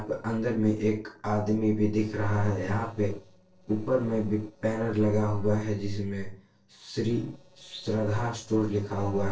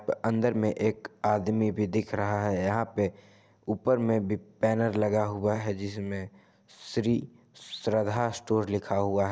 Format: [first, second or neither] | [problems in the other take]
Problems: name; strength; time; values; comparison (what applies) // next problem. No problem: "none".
second | noise reduction (neural separator model SepFormer DNS4)